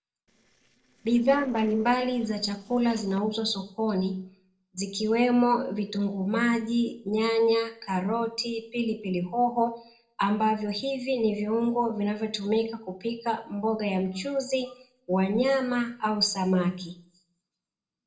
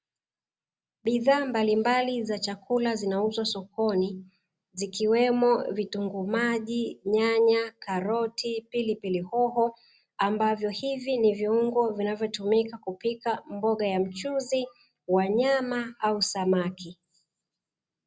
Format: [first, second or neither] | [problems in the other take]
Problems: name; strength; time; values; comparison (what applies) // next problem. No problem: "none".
second | noise reduction (neural separator model SepFormer DNS4)